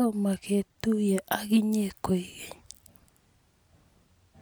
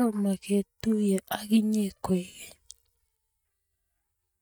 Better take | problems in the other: first | noise reduction (neural mask model DeepFilterNet 3)

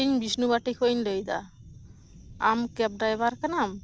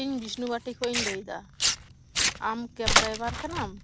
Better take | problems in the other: first | background sound (Tearing); 4 dB above the speech

